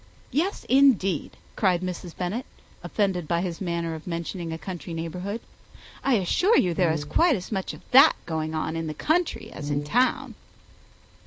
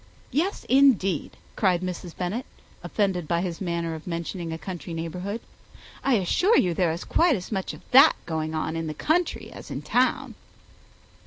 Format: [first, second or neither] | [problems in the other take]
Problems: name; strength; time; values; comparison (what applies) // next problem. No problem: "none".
second | background sound (Brass instrument); 9 dB below the speech